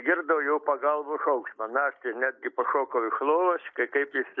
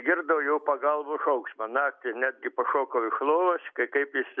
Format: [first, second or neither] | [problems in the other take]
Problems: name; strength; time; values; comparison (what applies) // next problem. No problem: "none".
second | noise reduction (neural mask model Resemble Enhance denoiser)